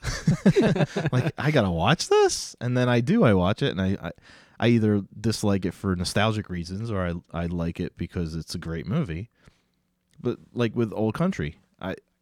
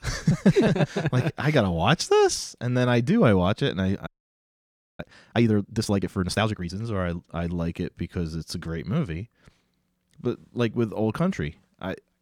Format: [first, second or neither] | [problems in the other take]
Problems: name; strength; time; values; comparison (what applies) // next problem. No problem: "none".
first | audio freezing; at 4 s for 1 s